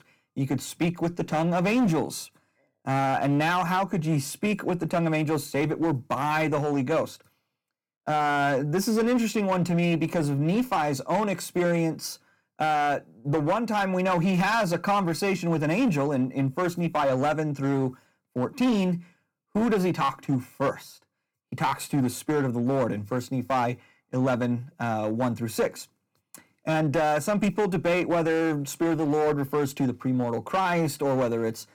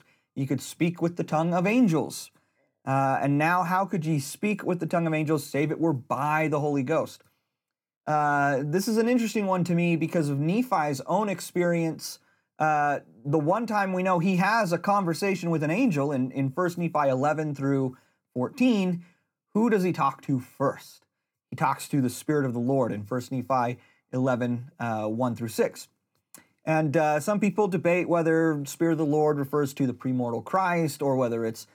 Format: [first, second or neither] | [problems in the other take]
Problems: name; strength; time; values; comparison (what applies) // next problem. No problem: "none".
second | distortion; slight; 9% of the sound clipped